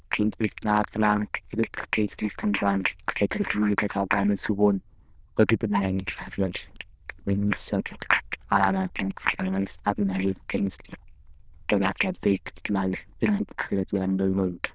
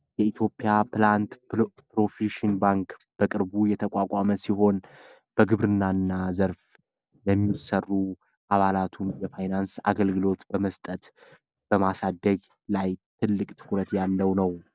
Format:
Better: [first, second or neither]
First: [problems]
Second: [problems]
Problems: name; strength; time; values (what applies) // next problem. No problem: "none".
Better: second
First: noise reduction (neural diffusion model UNIVERSE++)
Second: none